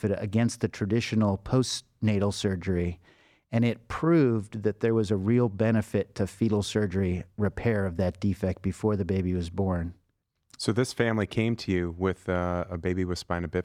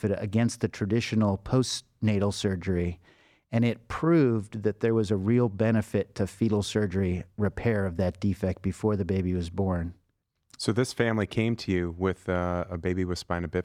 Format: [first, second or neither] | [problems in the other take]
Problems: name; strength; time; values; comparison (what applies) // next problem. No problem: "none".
neither | none